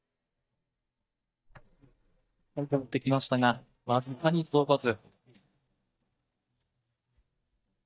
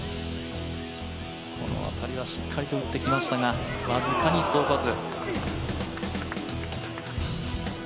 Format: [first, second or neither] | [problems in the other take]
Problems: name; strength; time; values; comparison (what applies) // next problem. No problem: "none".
second | noise reduction (neural mask model DeepFilterNet 3)